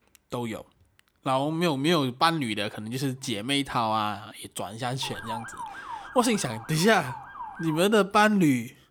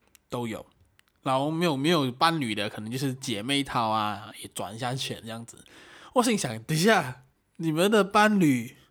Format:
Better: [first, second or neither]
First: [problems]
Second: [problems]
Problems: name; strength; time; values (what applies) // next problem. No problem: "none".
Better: second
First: siren; faint; from 5 to 8 s; peak 10 dB below the speech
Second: none